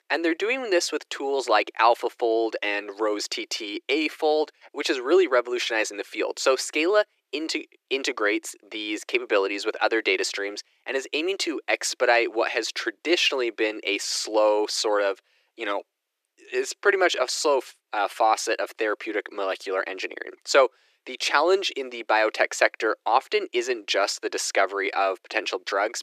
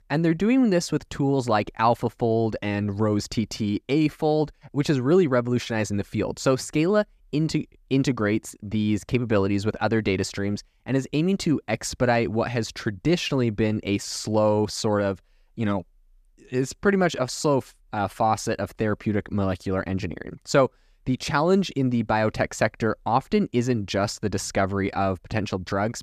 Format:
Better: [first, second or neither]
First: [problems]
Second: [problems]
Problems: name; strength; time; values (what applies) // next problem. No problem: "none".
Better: second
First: thin; very; fading below 350 Hz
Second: none